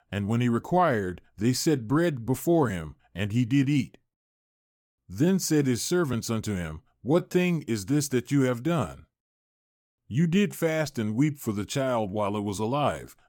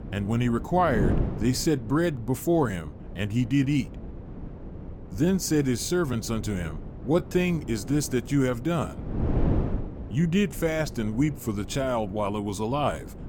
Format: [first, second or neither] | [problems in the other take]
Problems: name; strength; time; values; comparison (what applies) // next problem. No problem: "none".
first | wind noise on the microphone; occasional gusts; 15 dB below the speech